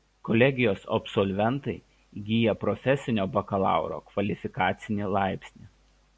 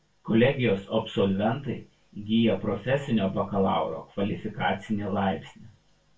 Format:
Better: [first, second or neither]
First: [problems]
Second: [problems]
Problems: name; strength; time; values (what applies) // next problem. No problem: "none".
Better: first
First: none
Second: room echo; dies away in 0.2 s